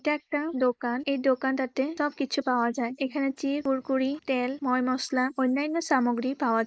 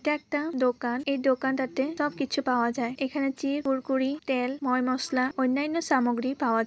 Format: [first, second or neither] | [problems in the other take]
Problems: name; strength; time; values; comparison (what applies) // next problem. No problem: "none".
second | noise reduction (neural mask model Resemble Enhance denoiser)